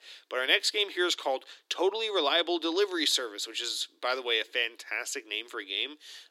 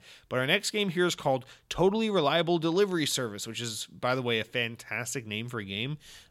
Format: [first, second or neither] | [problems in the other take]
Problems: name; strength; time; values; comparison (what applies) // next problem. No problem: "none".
second | thin; very; fading below 300 Hz